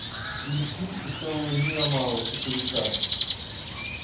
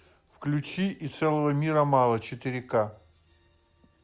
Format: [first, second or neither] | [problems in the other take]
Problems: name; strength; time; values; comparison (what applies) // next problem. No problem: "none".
second | background sound (Crow); 1 dB below the speech // room echo; dies away in 0.7 s